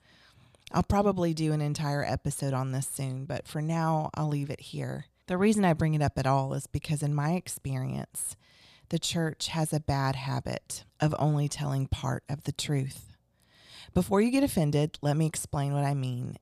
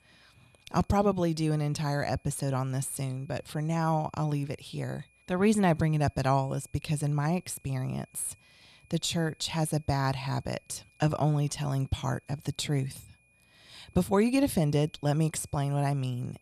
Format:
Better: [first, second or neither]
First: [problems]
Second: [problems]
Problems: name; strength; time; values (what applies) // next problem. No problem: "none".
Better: first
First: none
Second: high-pitched whine; faint; throughout; 2.5 kHz, 35 dB below the speech